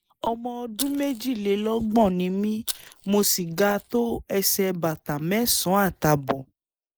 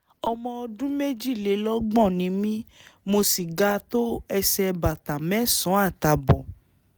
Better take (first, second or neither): second